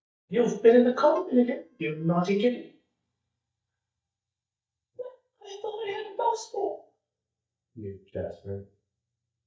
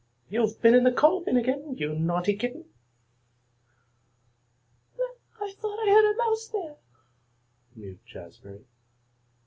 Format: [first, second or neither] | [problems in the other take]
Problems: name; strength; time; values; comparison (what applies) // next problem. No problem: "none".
second | noise reduction (neural mask model DeepFilterNet 3)